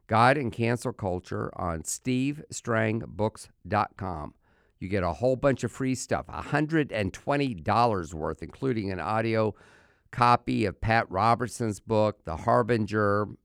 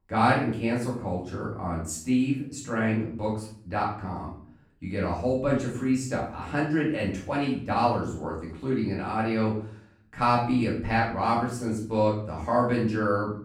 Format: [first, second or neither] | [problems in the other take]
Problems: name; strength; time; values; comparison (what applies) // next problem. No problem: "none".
first | off-mic speech; far // room echo; noticeable; dies away in 0.5 s